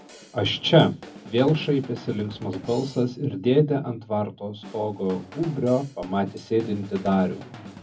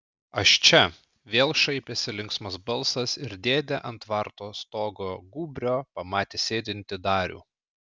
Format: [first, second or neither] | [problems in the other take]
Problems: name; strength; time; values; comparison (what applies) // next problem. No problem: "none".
second | background sound (Drum / Drum kit); 19 dB below the speech // room echo; dies away in 0.3 s